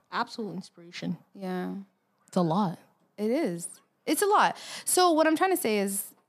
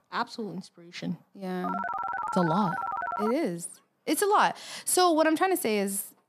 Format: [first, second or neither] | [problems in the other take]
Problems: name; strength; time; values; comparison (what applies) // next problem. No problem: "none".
first | phone ringing; noticeable; from 1.5 to 3.5 s; peak 4 dB below the speech